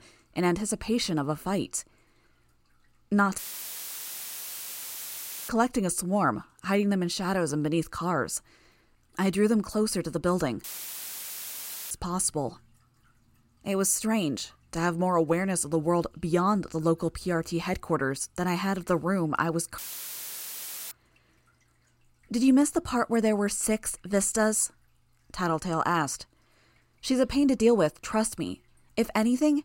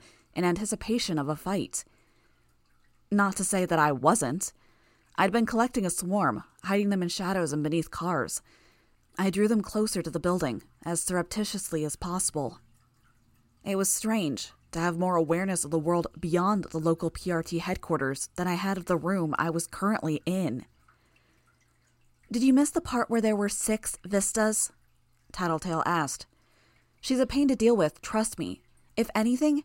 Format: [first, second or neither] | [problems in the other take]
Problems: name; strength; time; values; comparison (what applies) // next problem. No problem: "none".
second | audio cutting out; filled with static; at 3.5 s for 2 s, at 11 s for 1.5 s and at 20 s for 1 s